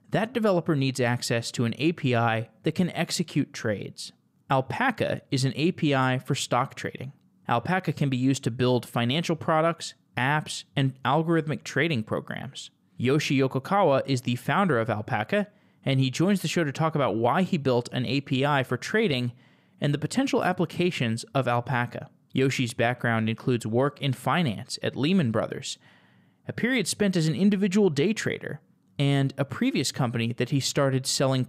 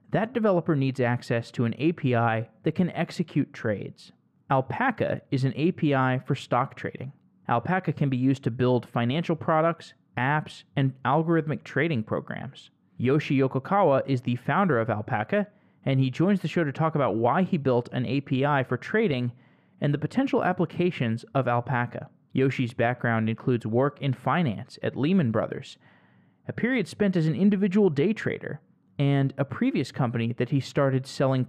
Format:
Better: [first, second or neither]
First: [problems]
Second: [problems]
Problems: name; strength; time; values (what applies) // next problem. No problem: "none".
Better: first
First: none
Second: muffled; slightly; fading above 3.5 kHz